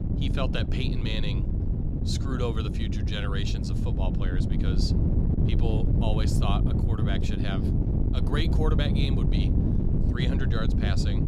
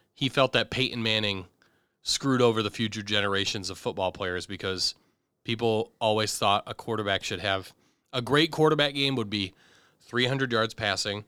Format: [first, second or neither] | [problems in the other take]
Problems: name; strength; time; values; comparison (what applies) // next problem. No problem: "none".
second | wind noise on the microphone; heavy; 2 dB below the speech